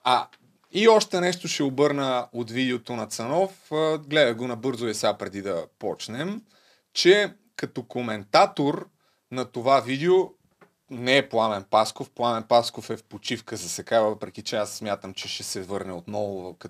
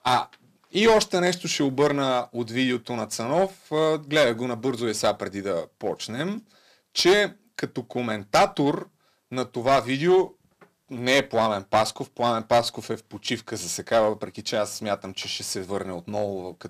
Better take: first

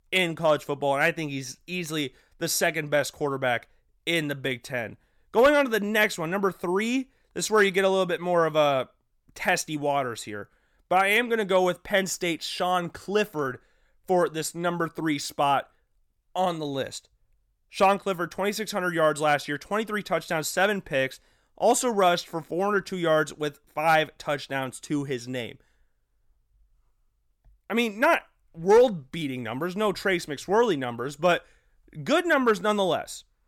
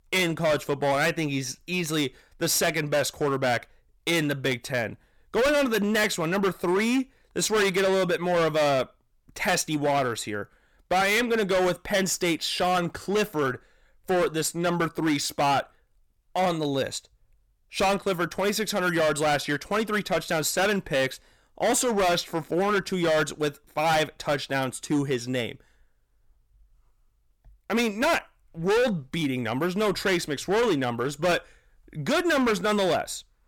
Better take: first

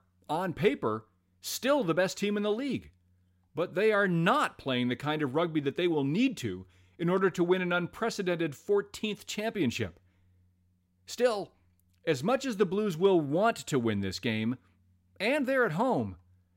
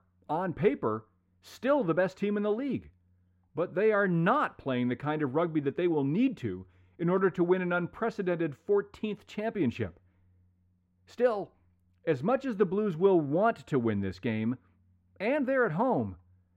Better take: first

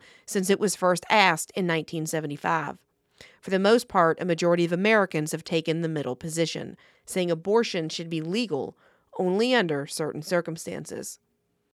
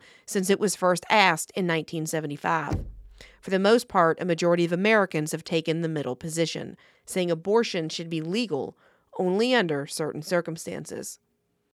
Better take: first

